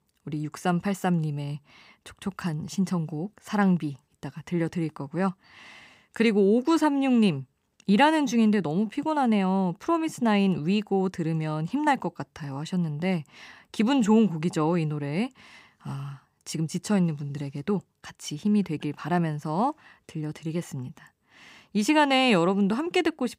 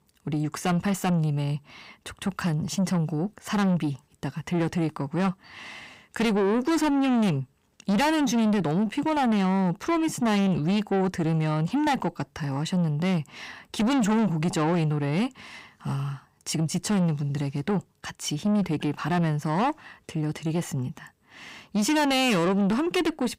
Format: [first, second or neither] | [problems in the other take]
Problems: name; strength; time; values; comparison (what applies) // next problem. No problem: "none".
first | distortion; heavy; 7 dB below the speech